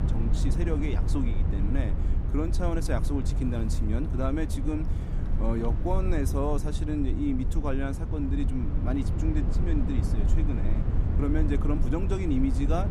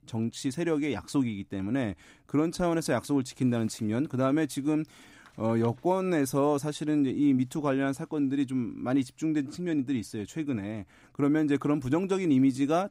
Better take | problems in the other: second | low rumble; loud; throughout; 7 dB below the speech

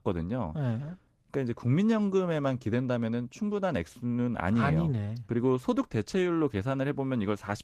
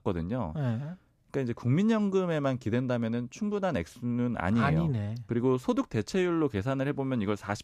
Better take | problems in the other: second | garbled, watery; slightly; nothing above 14.5 kHz

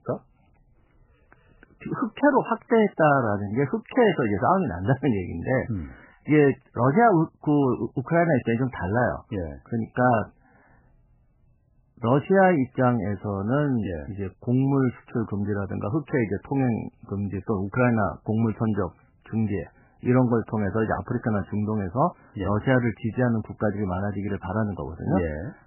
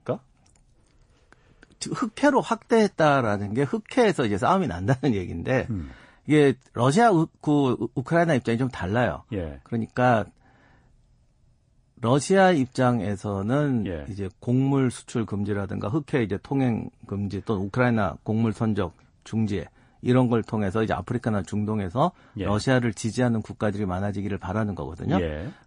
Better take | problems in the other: second | garbled, watery; badly; nothing above 3 kHz; slightly in the second

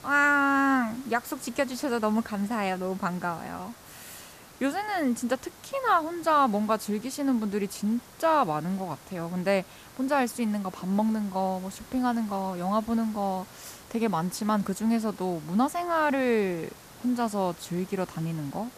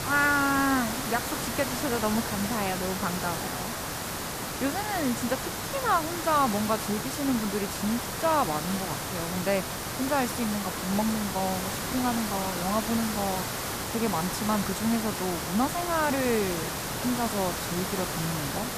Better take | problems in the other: first | hiss; loud; throughout; 2 dB below the speech; faint in the first

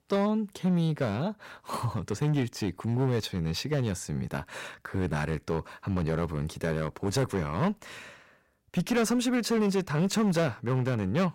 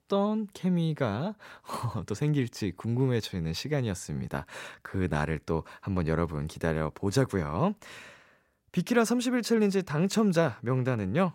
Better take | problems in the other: second | distortion; slight; 7% of the sound clipped

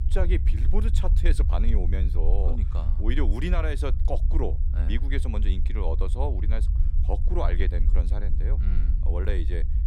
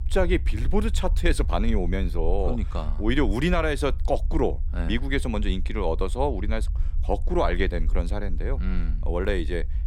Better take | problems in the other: second | low rumble; loud; throughout; 10 dB below the speech; faint in the second

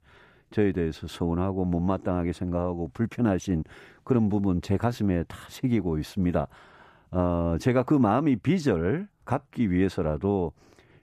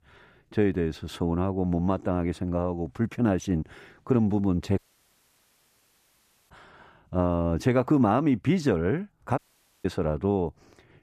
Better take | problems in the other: first | audio cutting out; at 5 s for 1.5 s and at 9.5 s

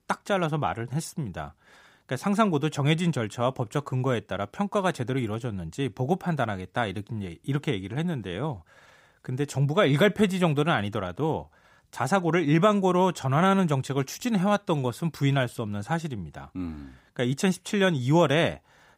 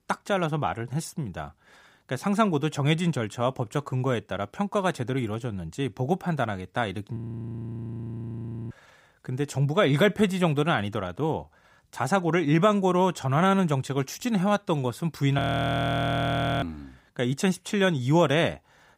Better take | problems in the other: first | audio freezing; at 7 s for 1.5 s and at 15 s for 1 s

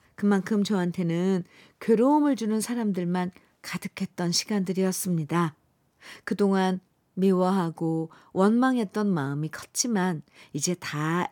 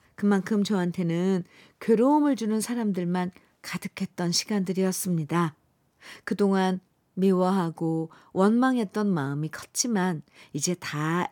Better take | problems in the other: neither | none

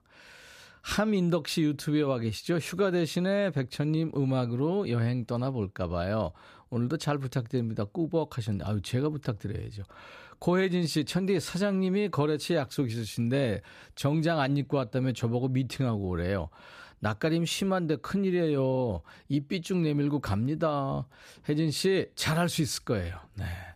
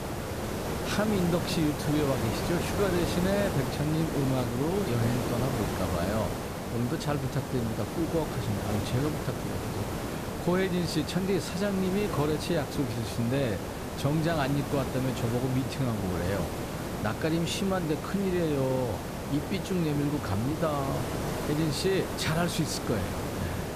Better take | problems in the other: first | hiss; loud; throughout; 3 dB below the speech

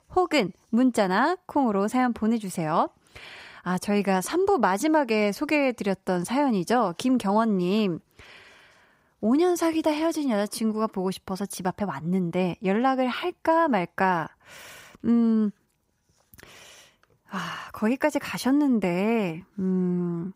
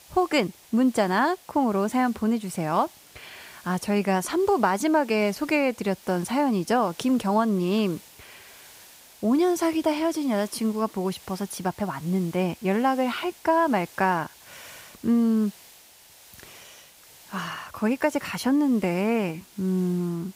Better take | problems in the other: first | hiss; faint; throughout; 25 dB below the speech

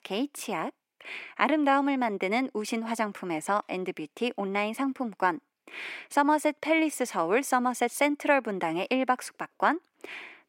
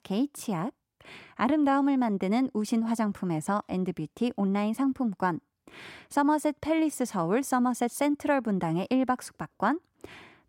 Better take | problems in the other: second | thin; very slightly; fading below 400 Hz

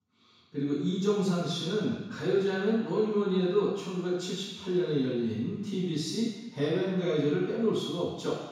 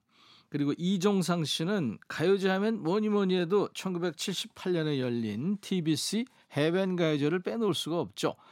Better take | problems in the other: second | room echo; strong; dies away in 1.1 s // off-mic speech; far

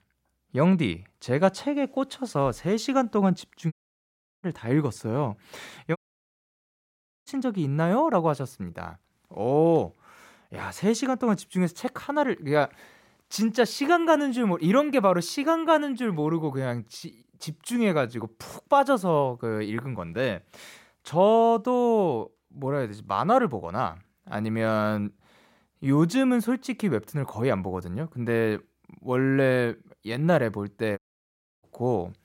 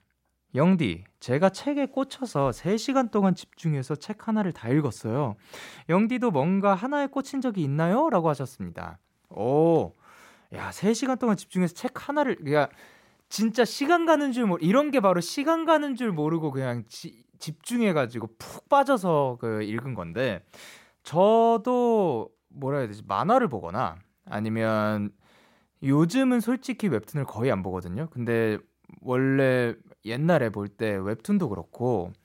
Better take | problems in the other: second | audio cutting out; at 3.5 s for 0.5 s, at 6 s for 1.5 s and at 31 s for 0.5 s

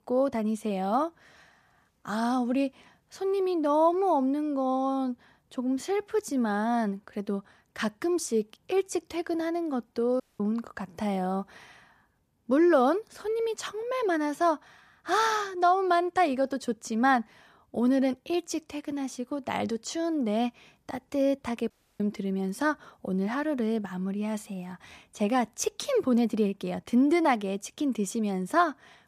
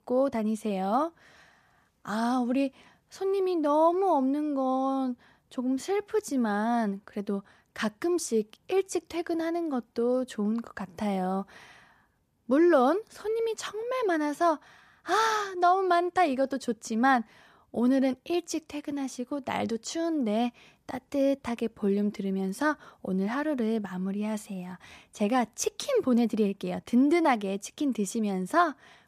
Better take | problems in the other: second | audio cutting out; at 10 s and at 22 s

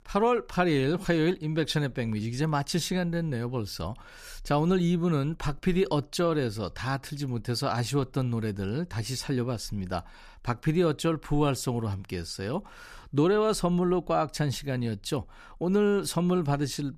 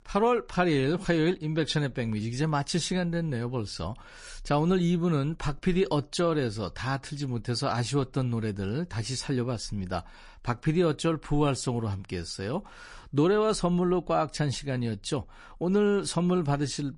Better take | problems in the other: first | garbled, watery; slightly; nothing above 10.5 kHz

